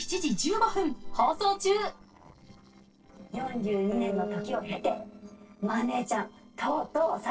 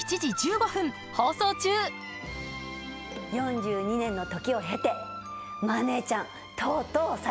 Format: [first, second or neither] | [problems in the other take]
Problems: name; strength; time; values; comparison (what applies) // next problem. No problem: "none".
second | noise reduction (neural separator model SepFormer DNS4)